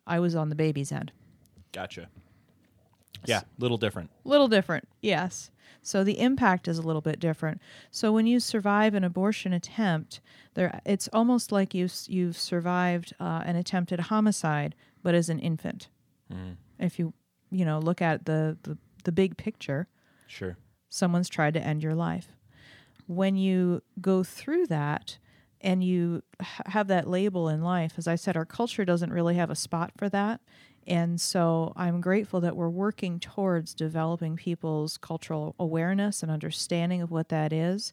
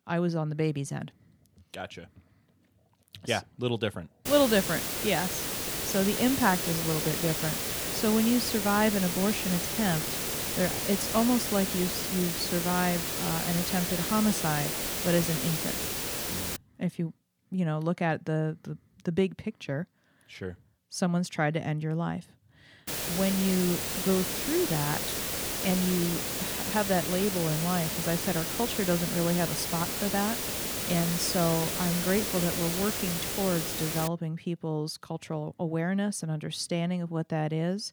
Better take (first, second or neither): first